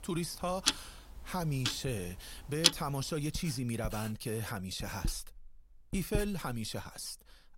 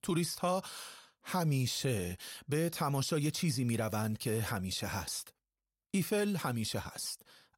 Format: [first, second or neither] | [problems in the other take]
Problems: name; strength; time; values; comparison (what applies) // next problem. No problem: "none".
second | household noises; very loud; throughout; 3 dB above the speech